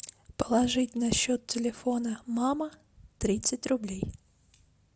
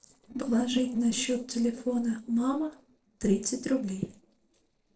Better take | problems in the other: first | noise reduction (neural separator model SepFormer DNS4)

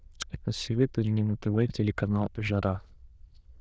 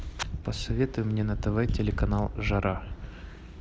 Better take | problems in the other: second | noise reduction (neural diffusion model UNIVERSE++)

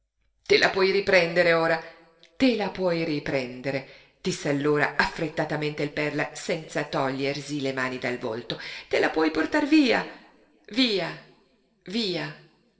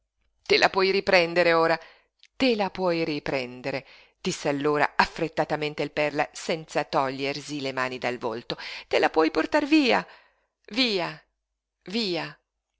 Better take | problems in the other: second | room echo; dies away in 0.7 s

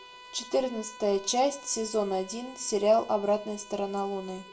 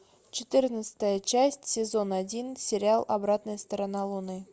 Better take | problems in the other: second | background sound (Bowed string instrument); 19 dB below the speech // room echo; dies away in 0.3 s

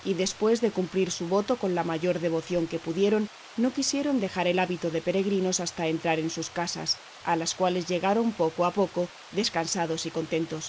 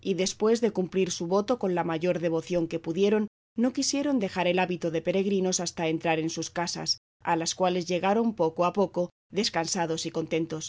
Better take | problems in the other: second | background sound (Water); 20 dB below the speech

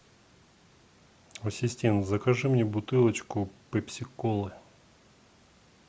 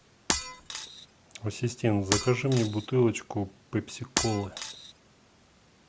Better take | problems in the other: first | background sound (Shatter); 5 dB below the speech

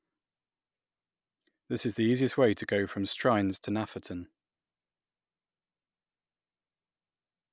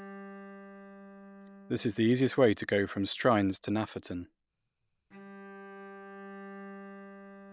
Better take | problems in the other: first | background sound (Bowed string instrument); 17 dB below the speech

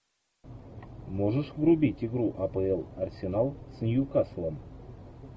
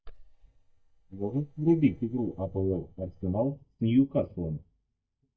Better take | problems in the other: first | noise reduction (neural mask model DeepFilterNet 3)

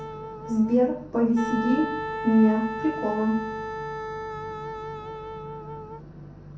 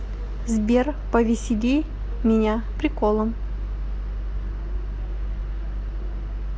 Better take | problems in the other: second | background sound (Wind instrument, woodwind instrument); 8 dB below the speech // room echo; dies away in 0.5 s

